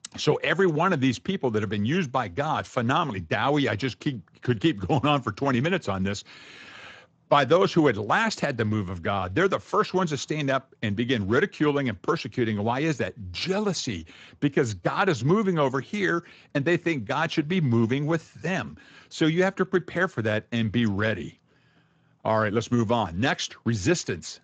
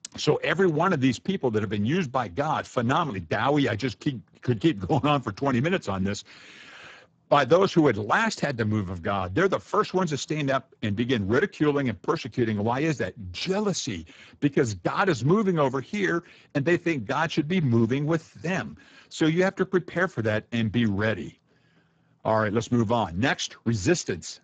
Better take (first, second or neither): first